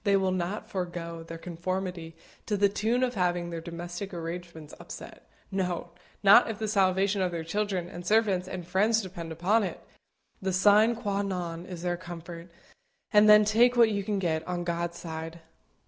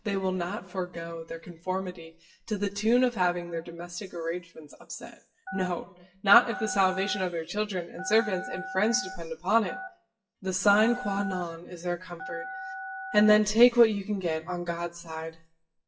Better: first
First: none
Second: noise reduction (classical method WPE with log-MMSE)

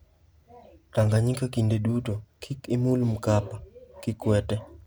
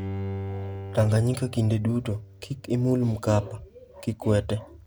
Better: first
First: none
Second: background sound (Bowed string instrument); 12 dB below the speech

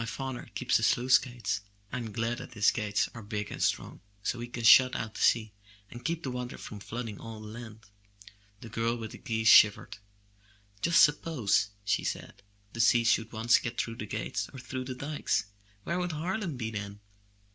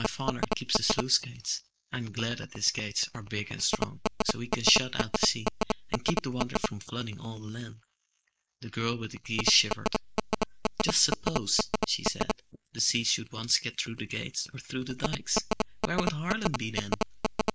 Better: first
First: none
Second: noise reduction (neural mask model Resemble Enhance denoiser)

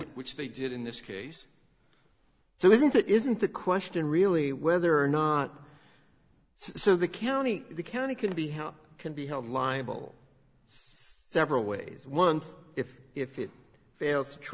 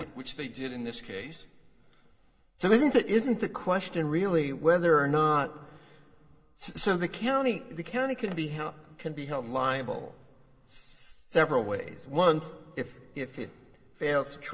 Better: first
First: none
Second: room echo; dies away in 0.4 s

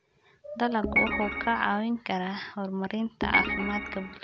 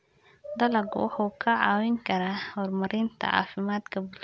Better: second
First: background sound (Organ); 1 dB above the speech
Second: none

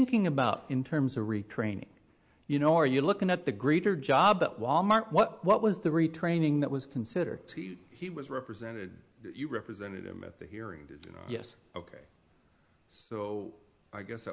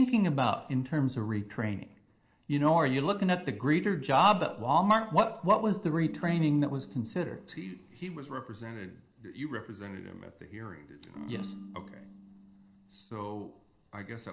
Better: first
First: none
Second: noise reduction (neural separator model SepFormer DNS4)

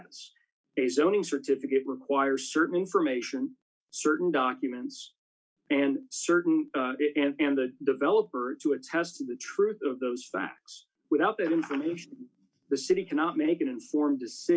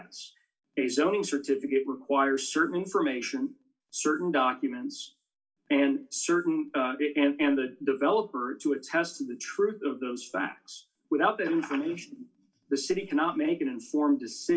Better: first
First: none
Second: room echo; dies away in 0.2 s

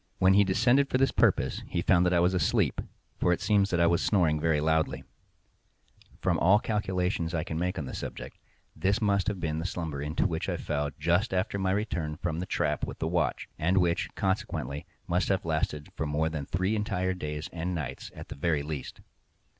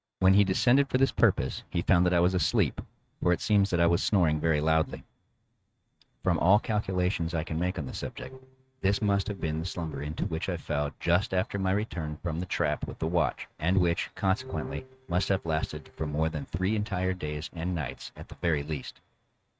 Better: first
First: none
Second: noise reduction (neural mask model RNNoise)

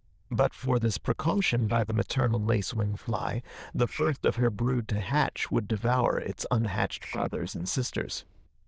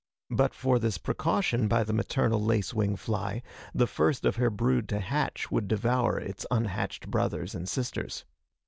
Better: second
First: noise reduction (neural diffusion model UNIVERSE++)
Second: none

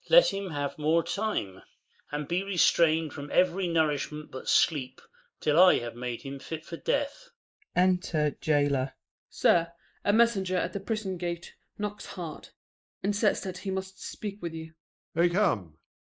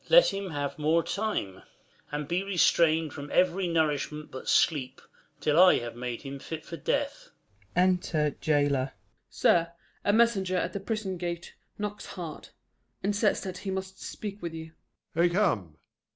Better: second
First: noise reduction (neural mask model Resemble Enhance denoiser)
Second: none

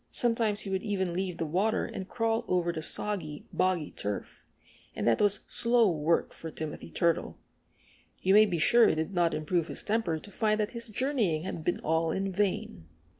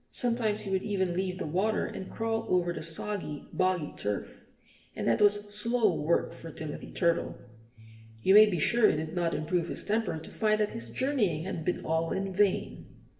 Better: first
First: none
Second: background sound (Bass guitar); 20 dB below the speech // room echo; dies away in 0.7 s

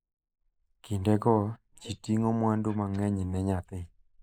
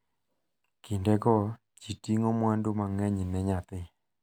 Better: second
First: noise reduction (neural mask model Resemble Enhance denoiser)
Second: none

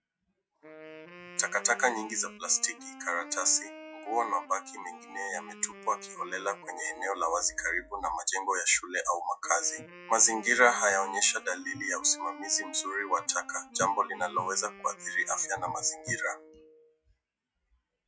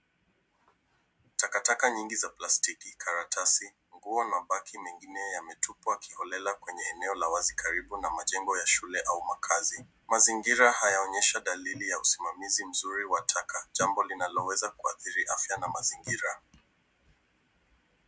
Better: second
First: noise reduction (classical method log-MMSE)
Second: none

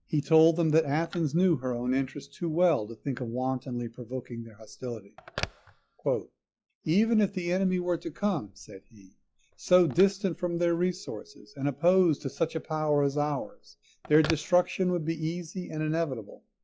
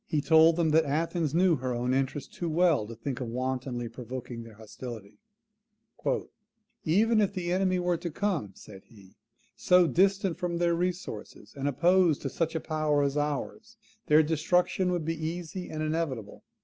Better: second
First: noise reduction (classical method log-MMSE)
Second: none

